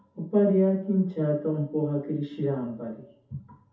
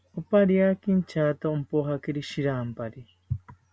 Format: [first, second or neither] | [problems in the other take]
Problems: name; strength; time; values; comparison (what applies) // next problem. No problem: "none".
second | room echo; dies away in 0.5 s